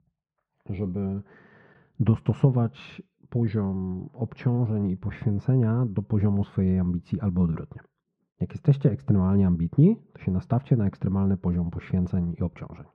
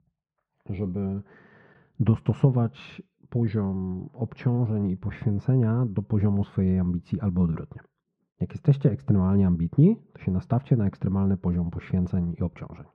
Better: neither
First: muffled; very; fading above 1.5 kHz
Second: muffled; very; fading above 1.5 kHz

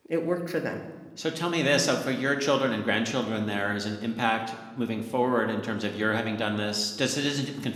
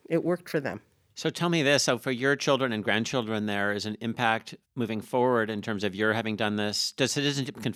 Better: second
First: room echo; slight; dies away in 0.9 s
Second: none

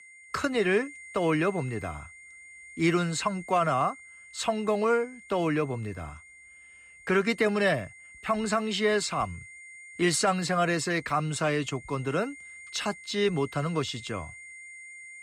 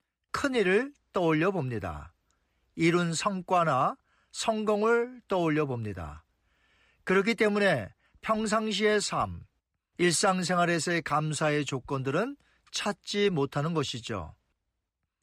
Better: second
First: high-pitched whine; noticeable; throughout; 2 kHz, 20 dB below the speech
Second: none

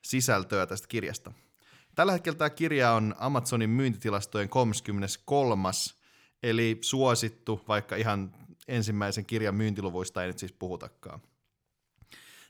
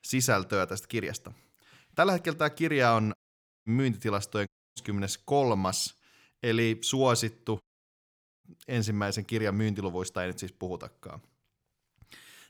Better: first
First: none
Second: audio cutting out; at 3 s for 0.5 s, at 4.5 s and at 7.5 s for 1 s

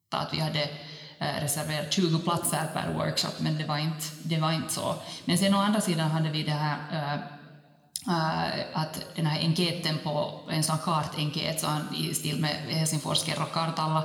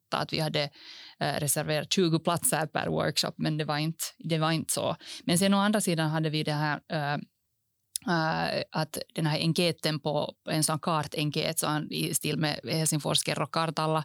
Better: second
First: room echo; slight; dies away in 1.4 s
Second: none

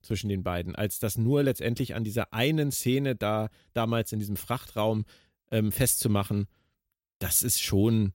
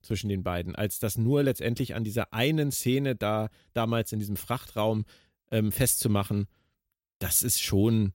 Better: neither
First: none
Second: none

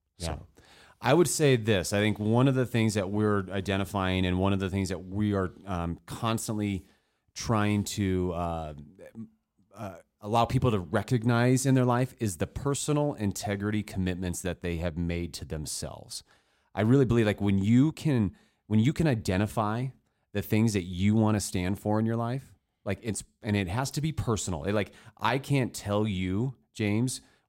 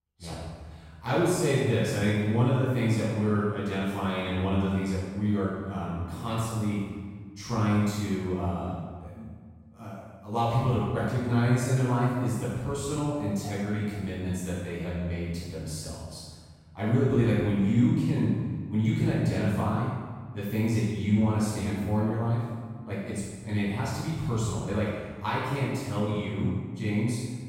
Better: first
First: none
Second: room echo; strong; dies away in 1.5 s // off-mic speech; far

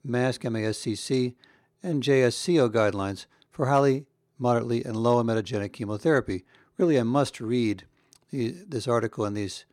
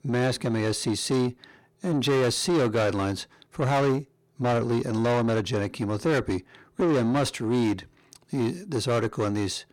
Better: first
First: none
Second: distortion; heavy; 8 dB below the speech

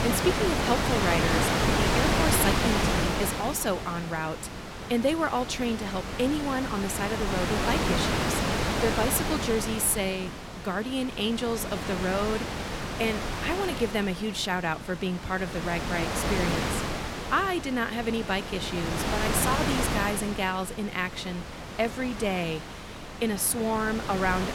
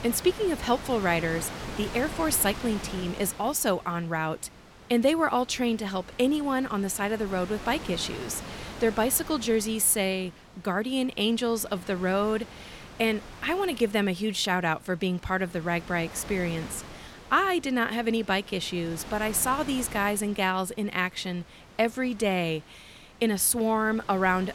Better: second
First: wind noise on the microphone; heavy; 1 dB below the speech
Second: wind noise on the microphone; occasional gusts; 15 dB below the speech

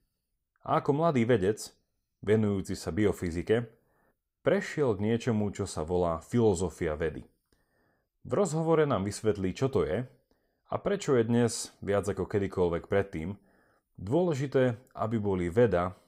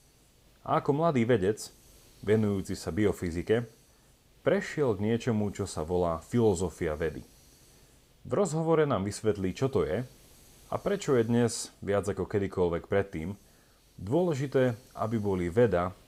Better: first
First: none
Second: hiss; faint; throughout; 30 dB below the speech

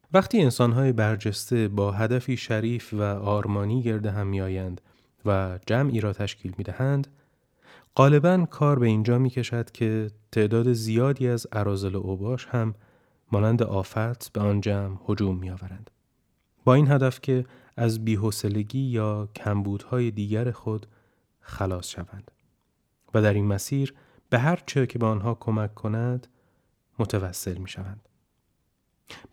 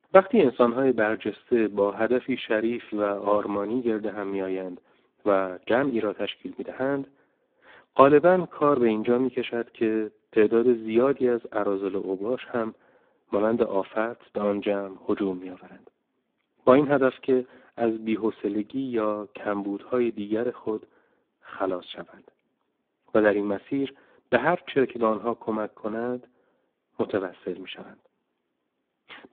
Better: first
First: none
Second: phone-call audio; poor line

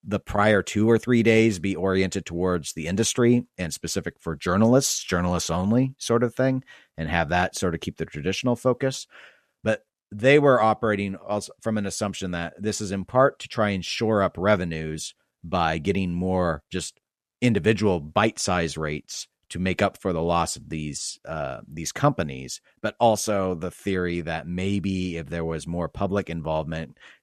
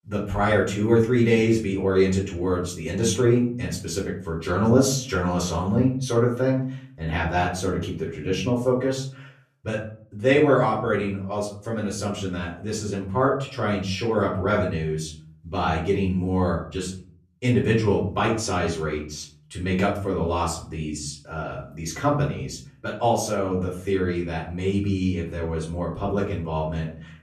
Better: first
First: none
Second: off-mic speech; far // room echo; slight; dies away in 0.6 s

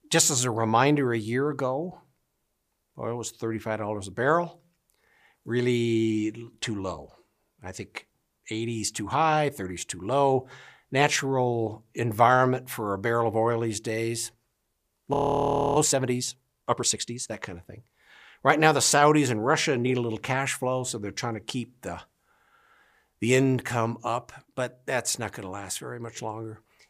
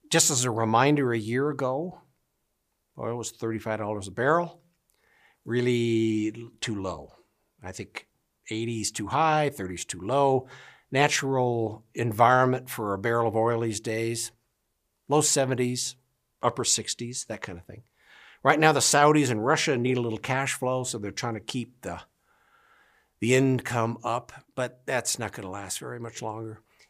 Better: second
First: audio freezing; at 15 s for 0.5 s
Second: none

